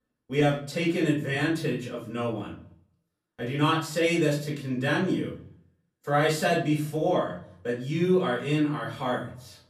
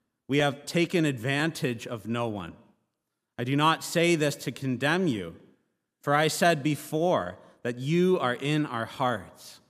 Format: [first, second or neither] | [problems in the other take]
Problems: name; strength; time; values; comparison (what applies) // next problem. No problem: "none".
second | off-mic speech; far // room echo; slight; dies away in 0.4 s